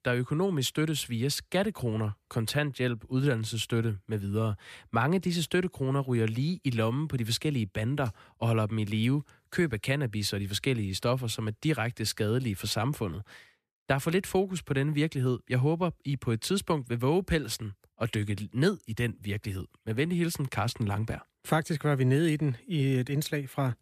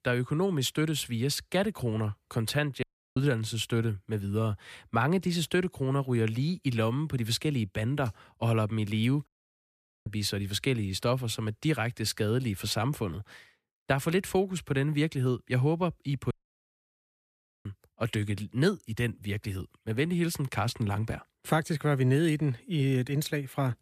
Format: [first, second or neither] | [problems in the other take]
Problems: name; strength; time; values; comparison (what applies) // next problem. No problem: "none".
first | audio cutting out; at 3 s, at 9.5 s for 1 s and at 16 s for 1.5 s